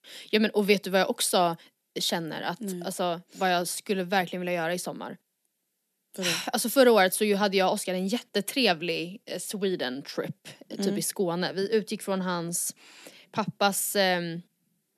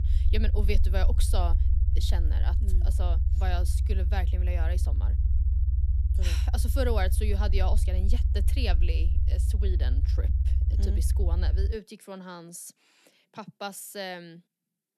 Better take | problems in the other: first | low rumble; loud; until 12 s; 8 dB below the speech

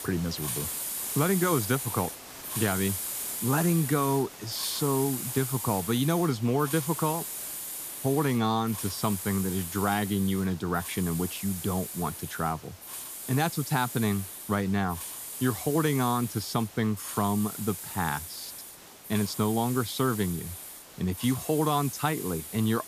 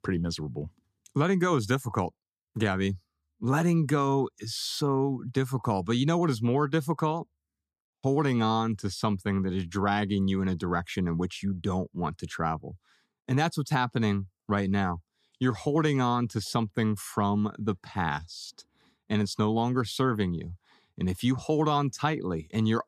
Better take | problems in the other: second | hiss; loud; throughout; 6 dB below the speech

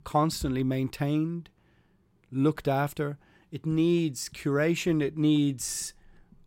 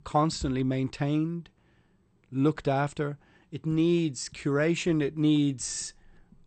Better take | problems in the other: first | garbled, watery; slightly; nothing above 8.5 kHz

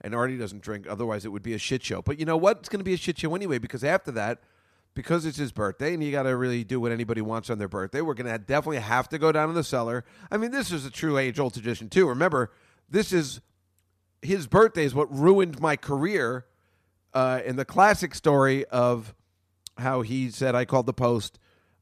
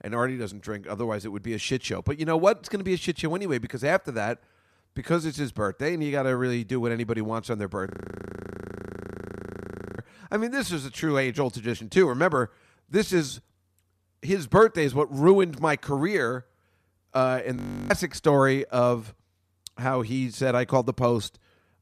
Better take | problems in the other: first | audio freezing; at 8 s for 2 s and at 18 s

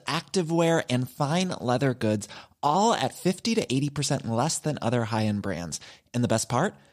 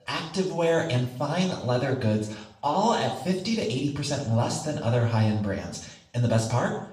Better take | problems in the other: first | room echo; noticeable; dies away in 0.6 s // off-mic speech; far

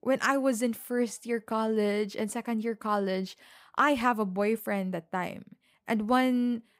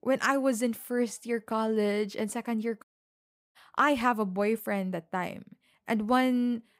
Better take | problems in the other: first | audio cutting out; at 3 s for 0.5 s

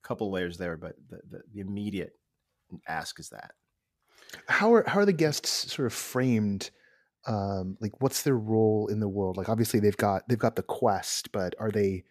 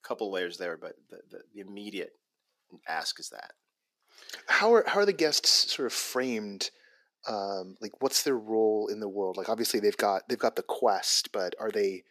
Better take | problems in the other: first | thin; somewhat; fading below 300 Hz

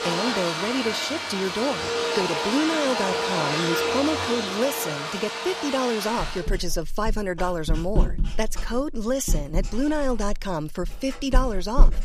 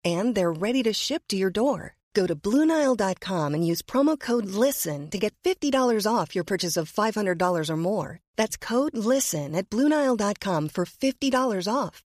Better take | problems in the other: second | household noises; loud; throughout; as loud as the speech

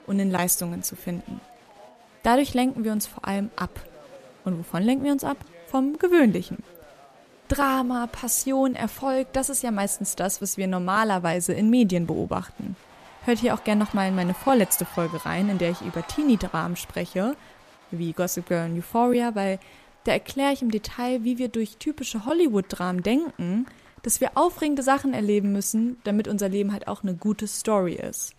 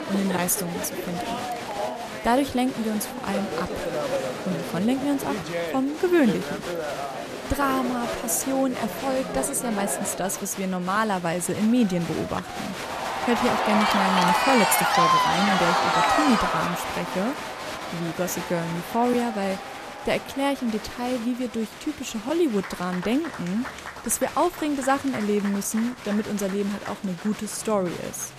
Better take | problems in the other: first | crowd noise; loud; throughout; 2 dB below the speech; faint in the first

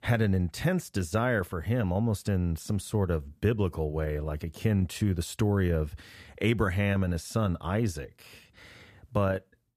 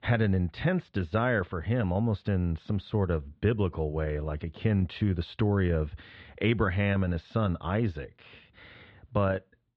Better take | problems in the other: first | muffled; slightly; fading above 3.5 kHz

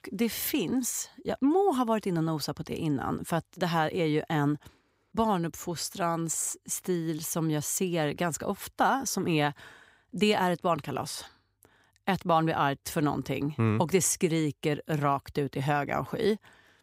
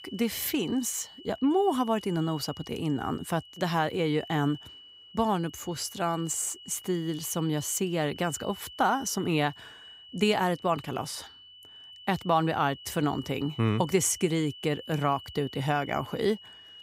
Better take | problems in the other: first | high-pitched whine; noticeable; throughout; 3 kHz, 15 dB below the speech

